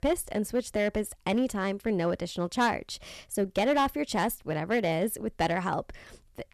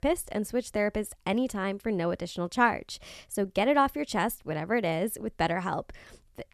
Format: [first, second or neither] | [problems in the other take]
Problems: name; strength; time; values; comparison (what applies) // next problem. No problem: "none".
second | distortion; slight; 3% of the sound clipped